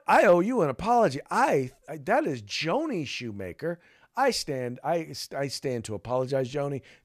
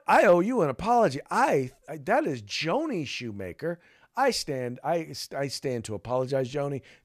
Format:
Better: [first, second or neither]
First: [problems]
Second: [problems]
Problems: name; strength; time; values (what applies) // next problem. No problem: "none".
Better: neither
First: none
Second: none